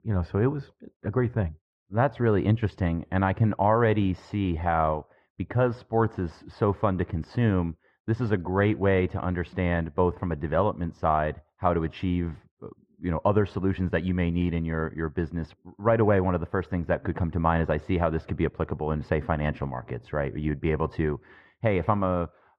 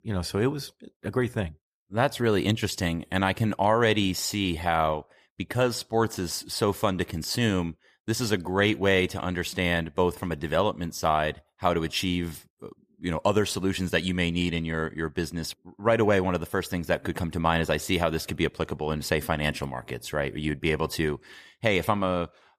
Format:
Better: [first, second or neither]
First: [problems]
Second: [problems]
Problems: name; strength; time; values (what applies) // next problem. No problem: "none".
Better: second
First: muffled; very; fading above 1.5 kHz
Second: none